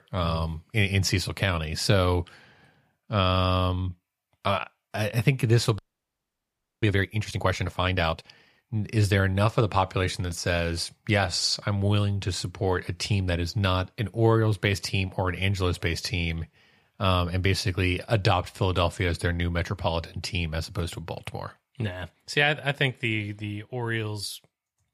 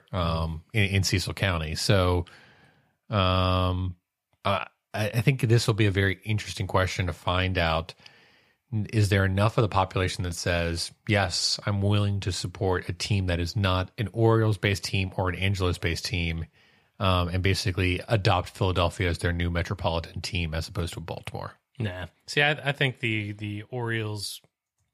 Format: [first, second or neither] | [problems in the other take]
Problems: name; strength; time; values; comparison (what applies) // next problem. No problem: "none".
second | audio freezing; at 6 s for 1 s